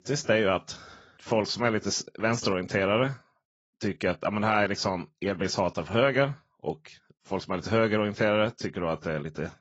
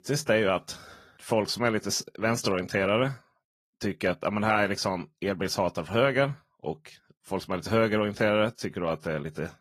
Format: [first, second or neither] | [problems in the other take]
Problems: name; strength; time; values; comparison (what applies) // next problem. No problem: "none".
second | garbled, watery; badly; nothing above 7.5 kHz; slightly in the second